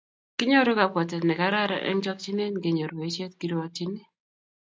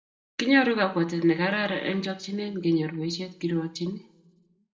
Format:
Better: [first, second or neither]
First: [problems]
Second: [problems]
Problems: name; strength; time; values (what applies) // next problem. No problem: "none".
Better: first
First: none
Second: room echo; dies away in 0.6 s